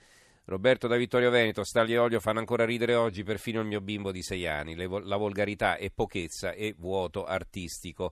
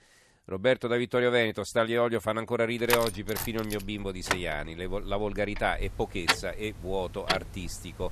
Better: first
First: none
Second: household noises; loud; from 3 s on; 2 dB below the speech

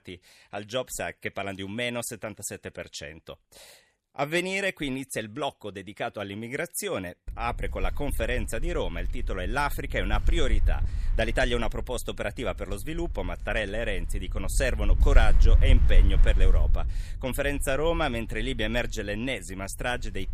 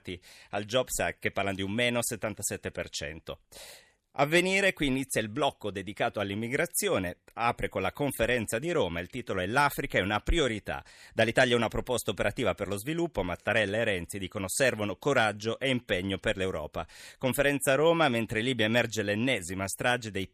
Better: second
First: wind noise on the microphone; occasional gusts; from 7.5 s on; 20 dB below the speech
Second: none

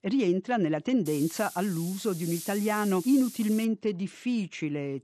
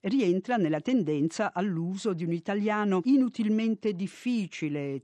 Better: second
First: hiss; noticeable; from 1 to 3.5 s; 15 dB below the speech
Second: none

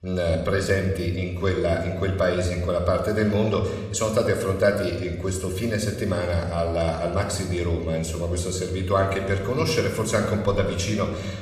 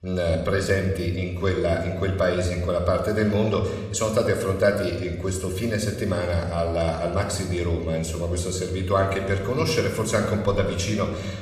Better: neither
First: room echo; noticeable; dies away in 1.2 s // off-mic speech; somewhat distant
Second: room echo; noticeable; dies away in 1.2 s // off-mic speech; somewhat distant

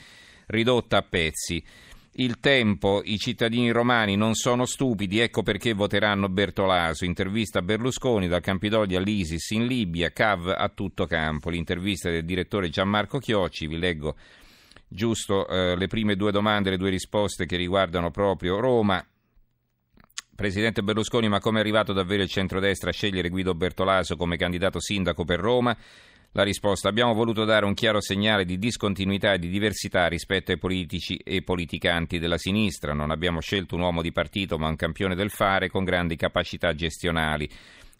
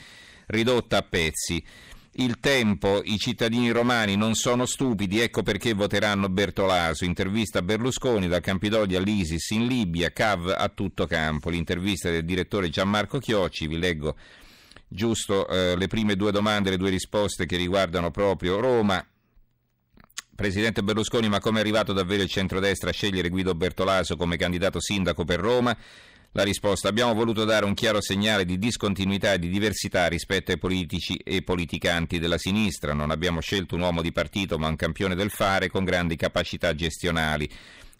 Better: first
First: none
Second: distortion; slight; 6% of the sound clipped

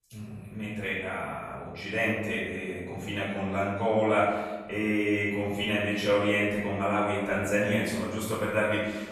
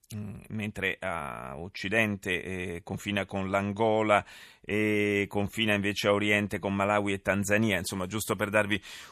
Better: second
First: room echo; noticeable; dies away in 1.1 s // off-mic speech; far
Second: none

